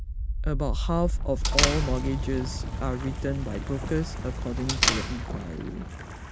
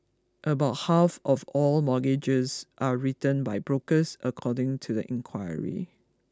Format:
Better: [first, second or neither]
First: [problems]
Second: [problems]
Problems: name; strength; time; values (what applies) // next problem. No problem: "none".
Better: second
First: background sound (Wind + Door); 3 dB above the speech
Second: none